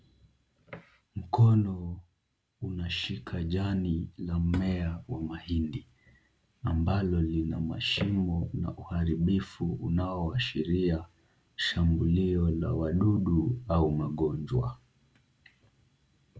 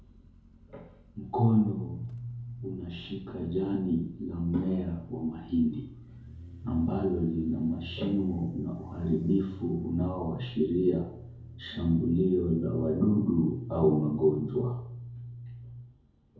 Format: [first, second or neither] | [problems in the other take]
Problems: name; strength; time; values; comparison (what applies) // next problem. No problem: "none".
first | background sound (Motorcycle); 19 dB below the speech // room echo; dies away in 2.2 s